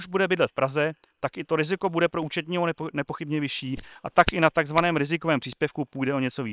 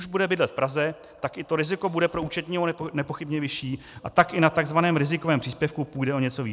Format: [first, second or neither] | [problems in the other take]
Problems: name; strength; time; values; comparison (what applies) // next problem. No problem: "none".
second | noise reduction (neural separator model SepFormer WHAM!)